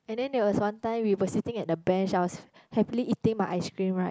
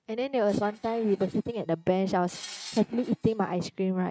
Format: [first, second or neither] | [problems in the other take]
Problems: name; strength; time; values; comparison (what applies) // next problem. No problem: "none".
first | noise reduction (neural mask model RNNoise)